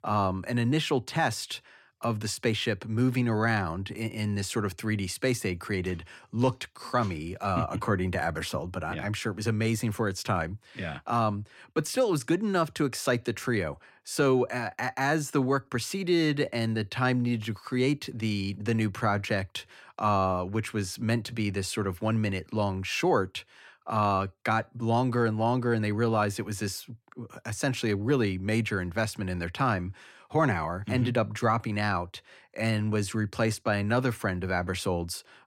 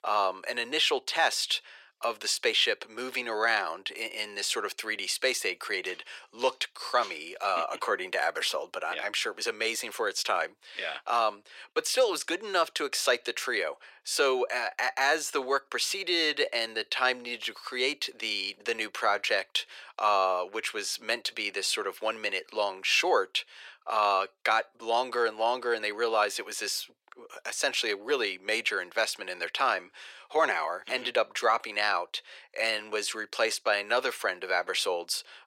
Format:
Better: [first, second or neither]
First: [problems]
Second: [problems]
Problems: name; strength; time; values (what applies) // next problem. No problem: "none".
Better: first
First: none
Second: thin; very; fading below 450 Hz